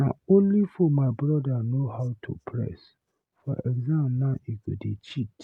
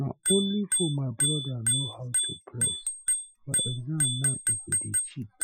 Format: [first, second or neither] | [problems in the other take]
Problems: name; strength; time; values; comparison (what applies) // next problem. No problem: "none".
first | noise reduction (classical method Wiener filter)